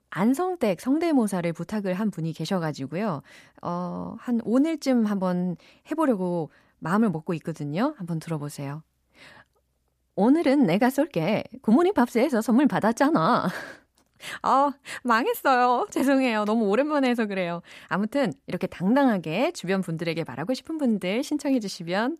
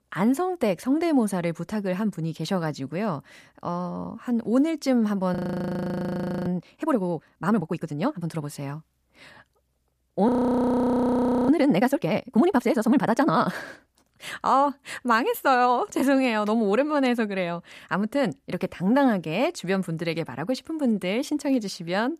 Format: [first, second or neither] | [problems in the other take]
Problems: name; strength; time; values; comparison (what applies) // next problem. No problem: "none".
first | audio freezing; at 5.5 s for 1 s and at 10 s for 1 s